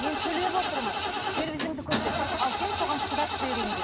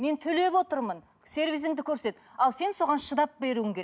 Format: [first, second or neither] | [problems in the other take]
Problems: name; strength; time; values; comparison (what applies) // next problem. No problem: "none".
second | background sound (Engine starting / Car); 2 dB above the speech